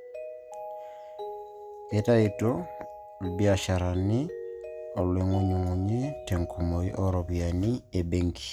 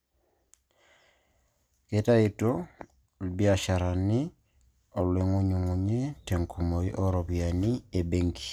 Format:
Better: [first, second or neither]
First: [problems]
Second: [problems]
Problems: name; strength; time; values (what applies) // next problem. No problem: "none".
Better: second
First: background sound (Mallet percussion); 12 dB below the speech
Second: none